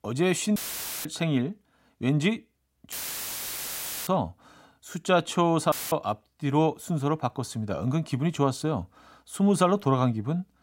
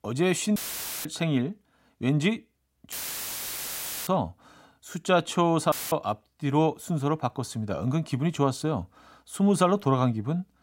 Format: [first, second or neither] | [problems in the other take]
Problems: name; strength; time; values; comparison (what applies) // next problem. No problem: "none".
neither | audio cutting out; filled with static; at 0.5 s, at 3 s for 1 s and at 5.5 s; the same in both